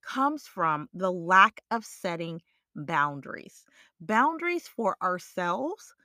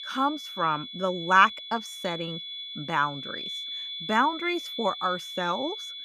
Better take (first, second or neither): first